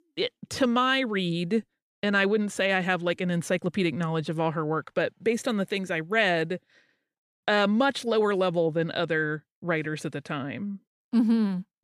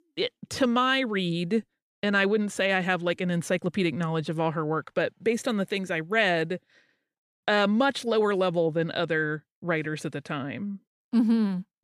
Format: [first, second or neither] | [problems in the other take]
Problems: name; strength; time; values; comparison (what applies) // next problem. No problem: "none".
neither | none